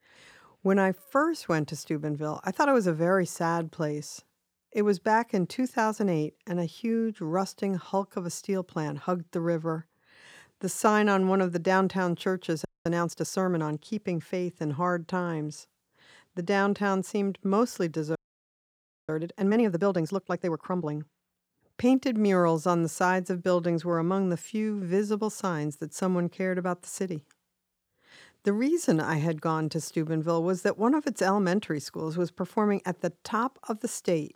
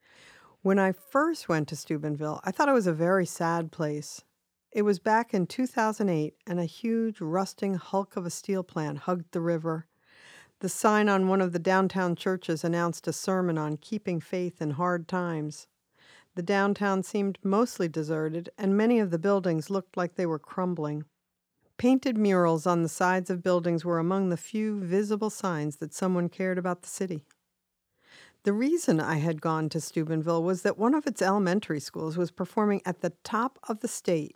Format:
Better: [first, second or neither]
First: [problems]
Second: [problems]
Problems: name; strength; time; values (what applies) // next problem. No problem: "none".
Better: second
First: audio freezing; at 13 s and at 18 s for 1 s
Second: none